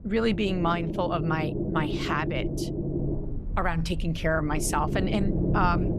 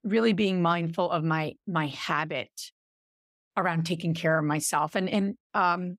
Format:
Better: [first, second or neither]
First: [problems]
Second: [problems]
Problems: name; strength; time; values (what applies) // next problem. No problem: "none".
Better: second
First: low rumble; loud; throughout; 8 dB below the speech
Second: none